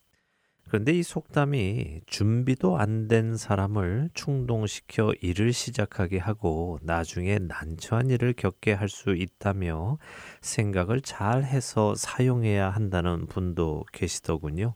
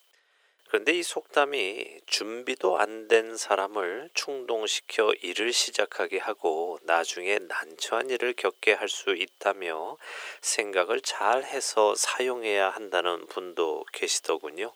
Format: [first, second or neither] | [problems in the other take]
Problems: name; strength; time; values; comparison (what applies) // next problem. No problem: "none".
first | thin; very; fading below 400 Hz